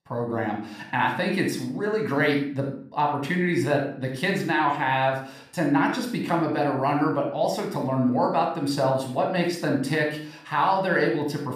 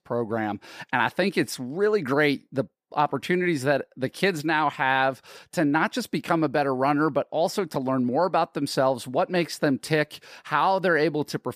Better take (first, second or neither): second